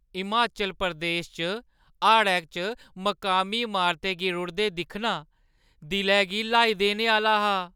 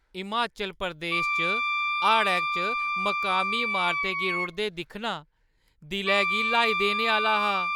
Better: first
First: none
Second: background sound (Wind instrument, woodwind instrument); as loud as the speech

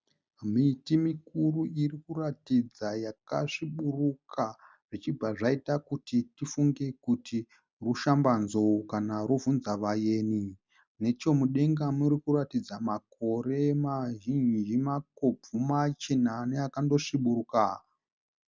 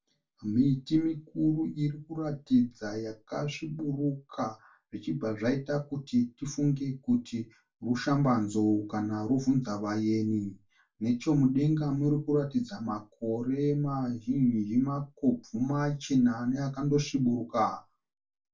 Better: first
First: none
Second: room echo; dies away in 0.2 s

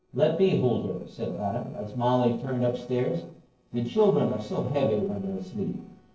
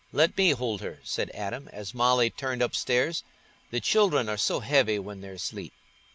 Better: second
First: noise reduction (neural separator model SepFormer DNS4)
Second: none

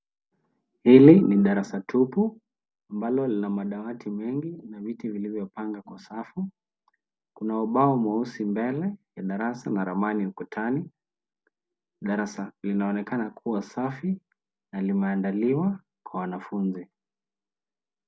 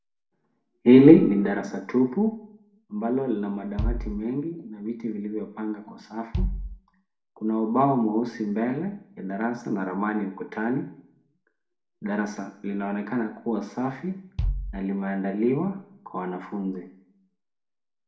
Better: first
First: none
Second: background sound (Bass drum); 8 dB below the speech // room echo; dies away in 0.6 s

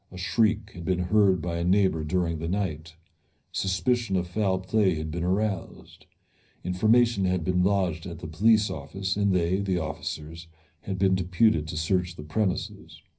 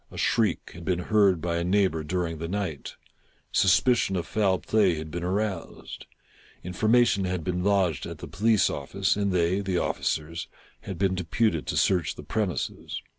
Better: second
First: room echo; dies away in 0.4 s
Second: none

